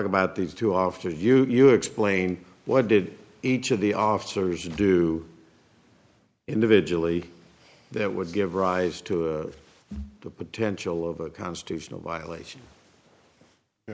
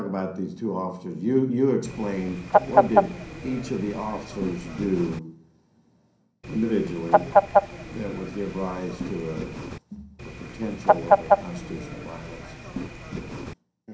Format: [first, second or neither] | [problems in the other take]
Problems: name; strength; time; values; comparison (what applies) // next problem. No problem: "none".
first | background sound (Fowl); 4 dB above the speech // room echo; dies away in 0.6 s